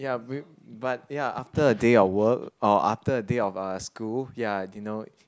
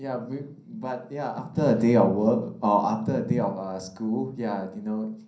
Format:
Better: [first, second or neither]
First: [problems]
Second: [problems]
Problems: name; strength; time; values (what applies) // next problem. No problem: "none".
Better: first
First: none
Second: room echo; dies away in 0.6 s